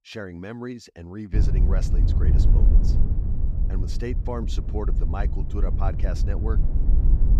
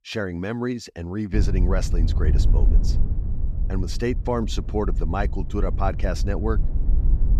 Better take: second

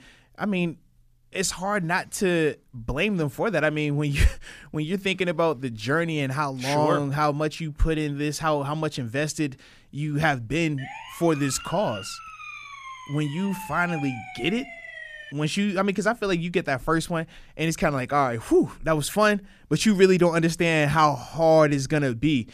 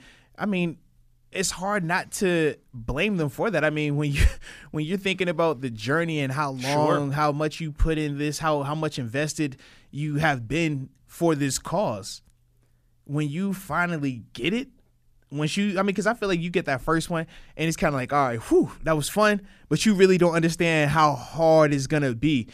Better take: second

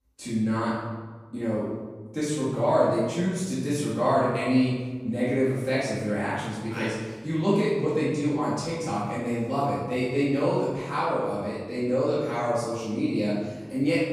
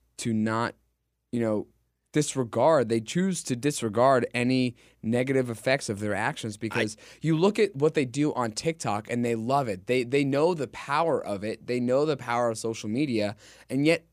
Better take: second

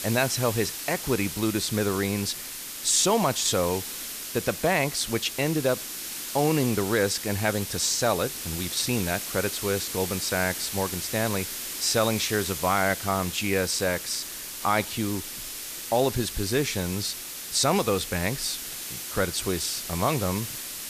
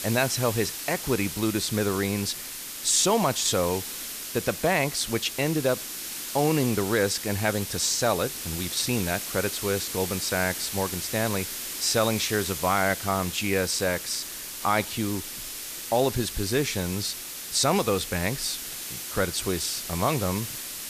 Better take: neither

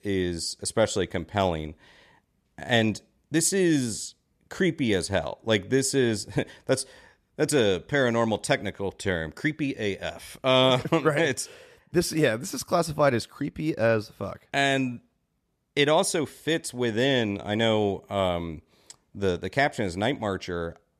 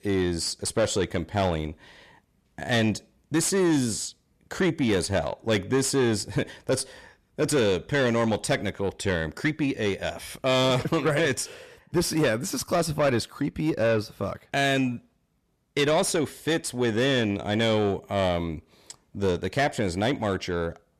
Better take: first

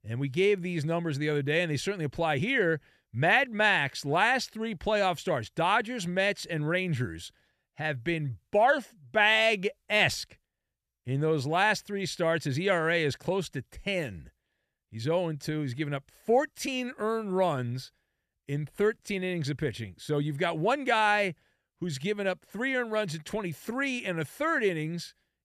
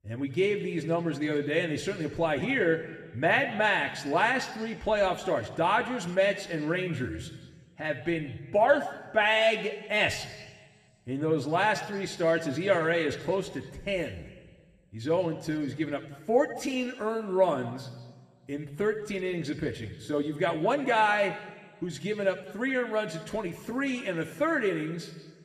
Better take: first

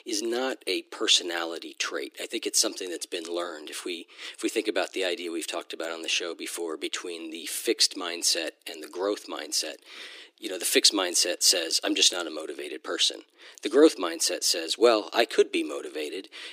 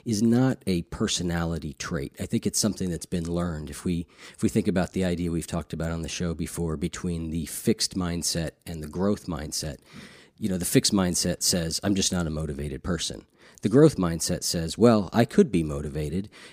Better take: second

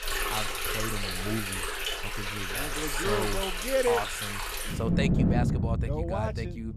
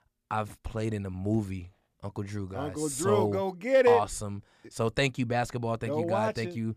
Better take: second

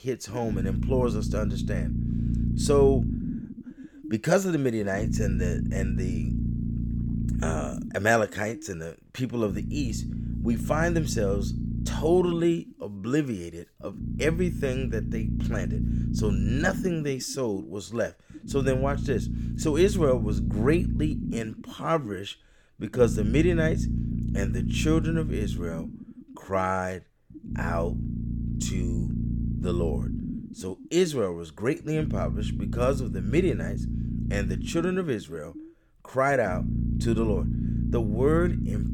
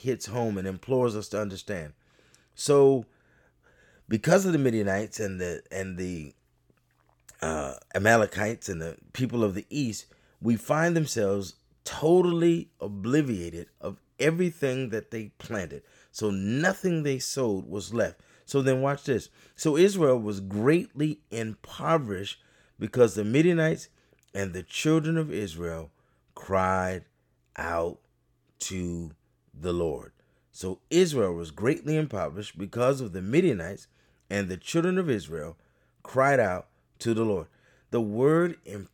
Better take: second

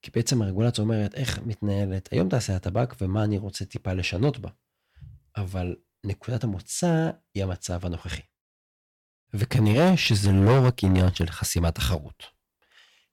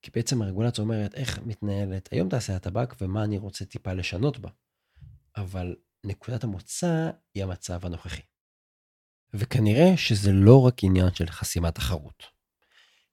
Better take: second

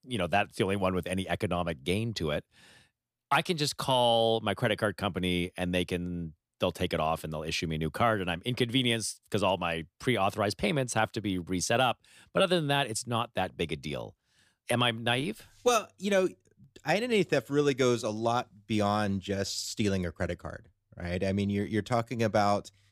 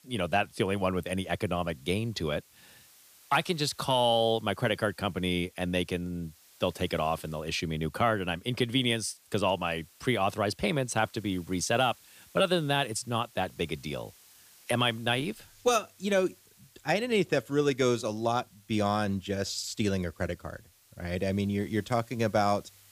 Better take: first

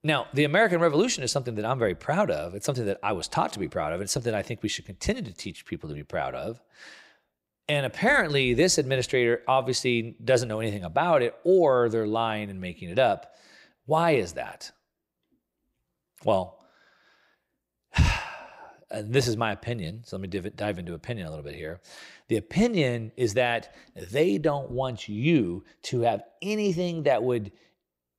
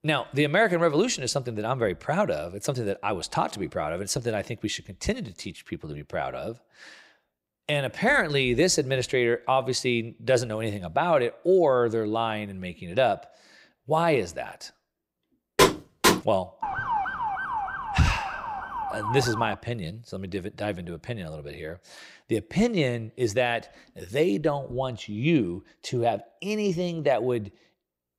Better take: first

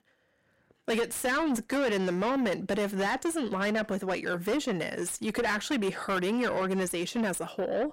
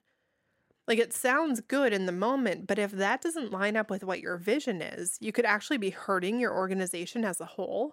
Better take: second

